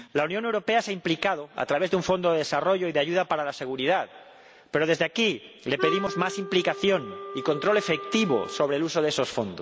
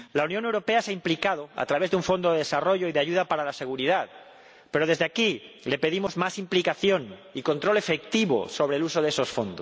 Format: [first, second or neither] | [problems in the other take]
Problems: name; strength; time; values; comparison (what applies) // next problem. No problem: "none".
second | background sound (Wind instrument, woodwind instrument); 9 dB below the speech